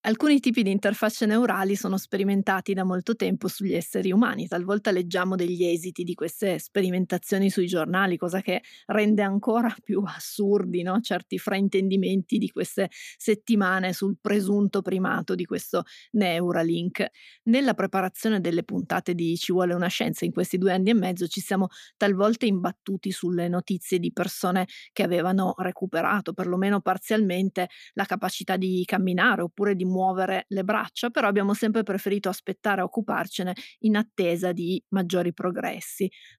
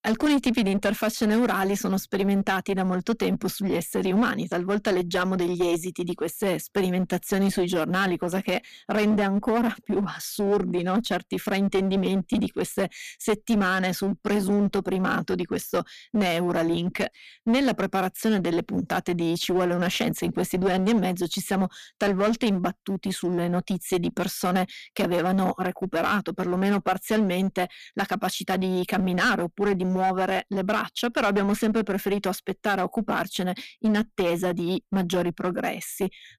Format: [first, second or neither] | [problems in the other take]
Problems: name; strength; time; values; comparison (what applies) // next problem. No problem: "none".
first | distortion; slight; 13% of the sound clipped